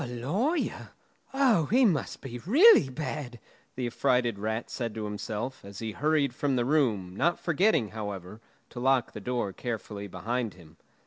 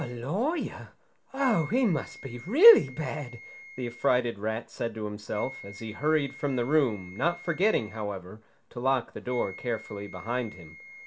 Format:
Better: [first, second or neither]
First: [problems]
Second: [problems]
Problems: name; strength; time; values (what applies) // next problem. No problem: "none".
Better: first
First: none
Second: background sound (Wind instrument, woodwind instrument); 19 dB below the speech // room echo; dies away in 0.2 s